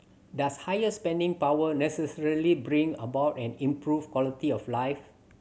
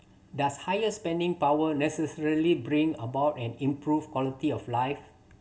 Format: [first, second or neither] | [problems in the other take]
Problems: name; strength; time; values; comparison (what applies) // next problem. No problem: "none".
first | room echo; dies away in 0.2 s